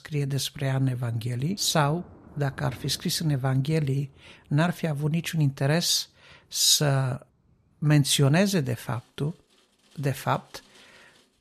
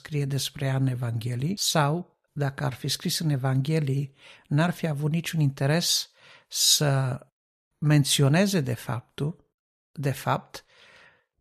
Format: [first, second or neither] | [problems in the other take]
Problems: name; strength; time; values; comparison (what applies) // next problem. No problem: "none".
second | rain or running water; faint; throughout; 25 dB below the speech